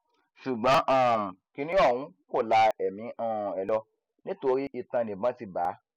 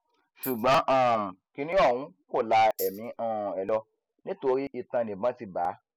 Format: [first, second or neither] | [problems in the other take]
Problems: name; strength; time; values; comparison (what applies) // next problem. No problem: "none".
first | noise reduction (neural mask model Resemble Enhance denoiser)